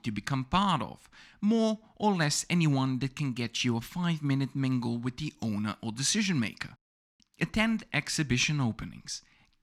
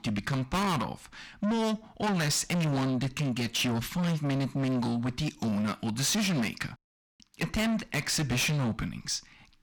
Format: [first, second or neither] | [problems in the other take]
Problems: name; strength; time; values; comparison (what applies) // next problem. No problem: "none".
first | distortion; heavy; 6 dB below the speech